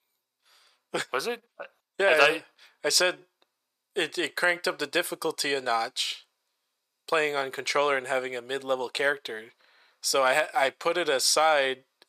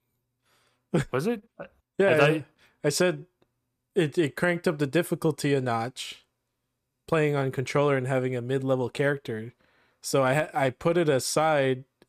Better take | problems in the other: second | thin; very; fading below 650 Hz

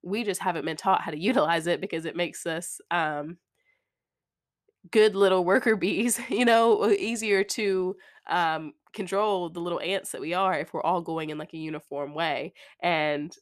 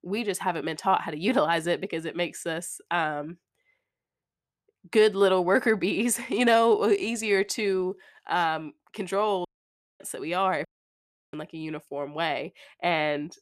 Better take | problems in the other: first | audio cutting out; at 9.5 s for 0.5 s and at 11 s for 0.5 s

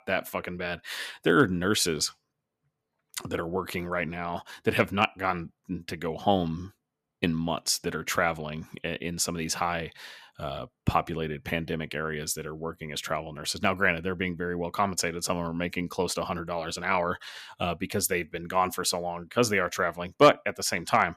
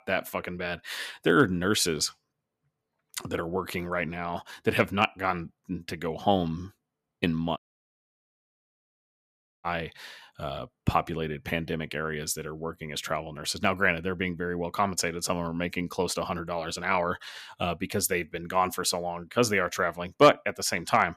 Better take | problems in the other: first | audio cutting out; at 7.5 s for 2 s

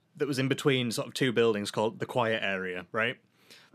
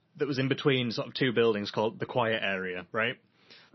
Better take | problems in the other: first | garbled, watery; slightly; nothing above 5.5 kHz

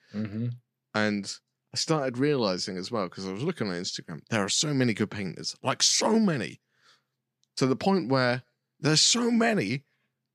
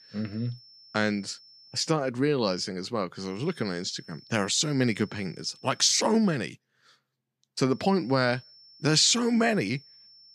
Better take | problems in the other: first | high-pitched whine; faint; until 2 s, from 3.5 to 6.5 s and from 7.5 s on; 5.5 kHz, 25 dB below the speech

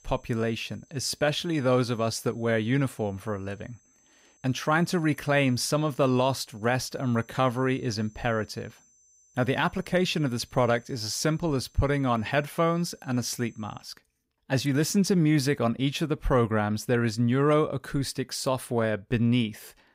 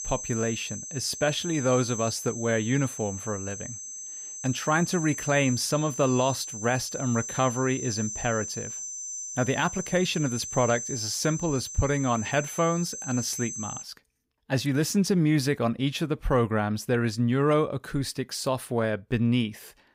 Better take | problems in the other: first | high-pitched whine; loud; until 14 s; 6 kHz, 7 dB below the speech; faint in the first

